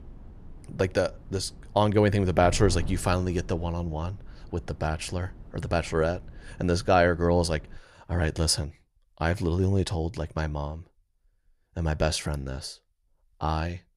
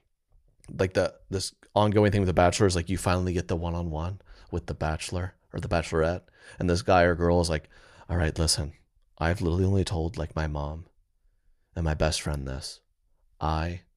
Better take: second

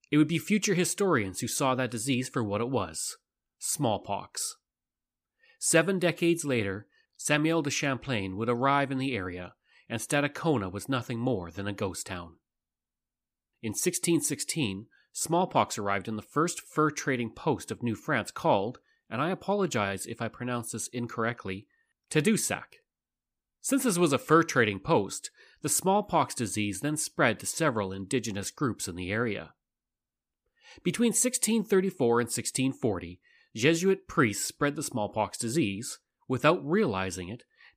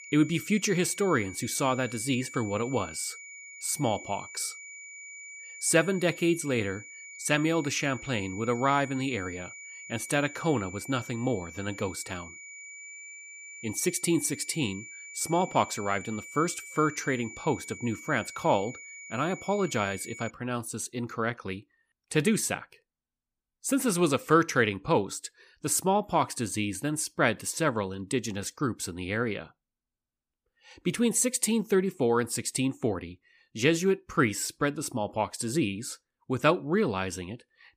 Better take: first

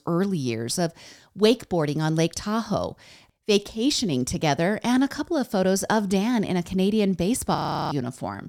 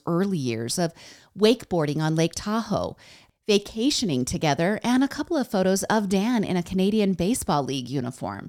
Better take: second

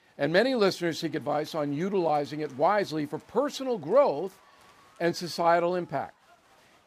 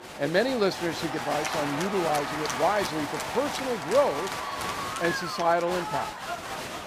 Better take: first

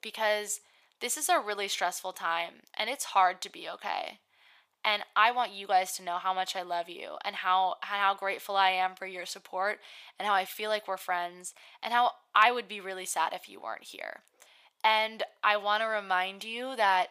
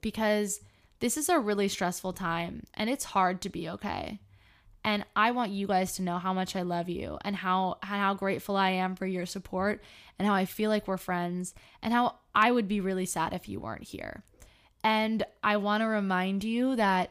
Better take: second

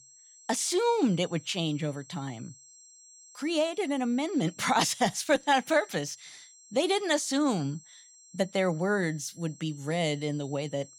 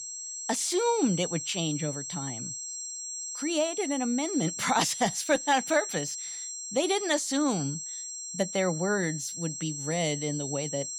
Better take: first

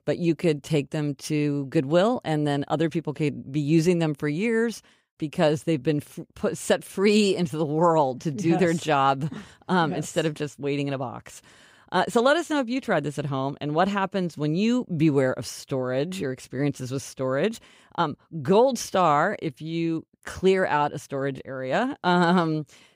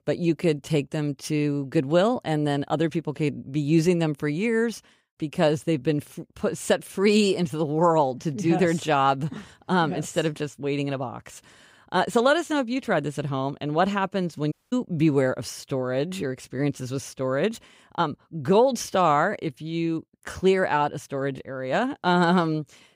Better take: first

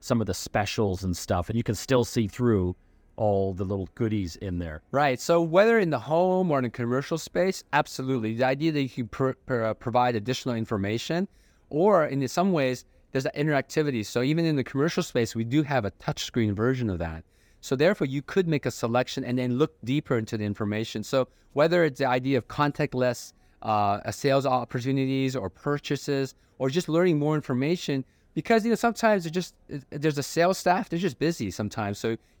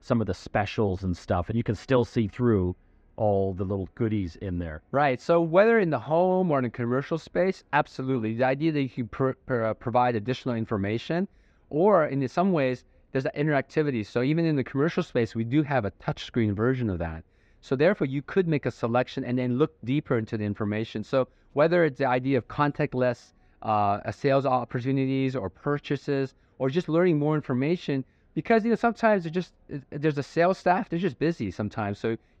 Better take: first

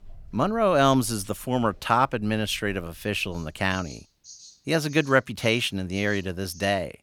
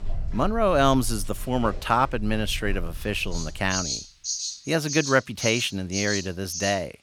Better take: first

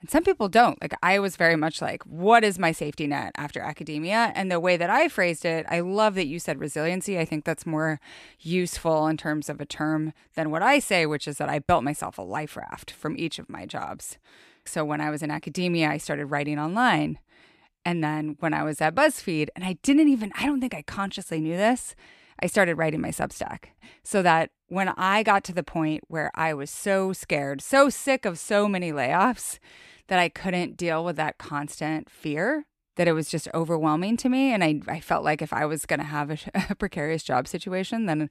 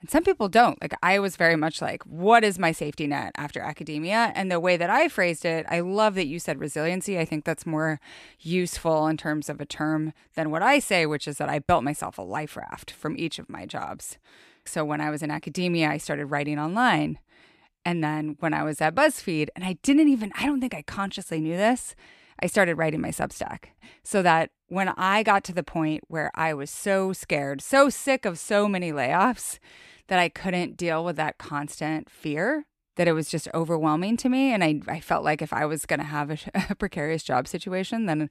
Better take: neither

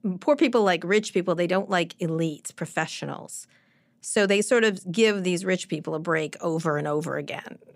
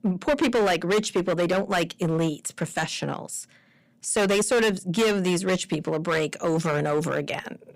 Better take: first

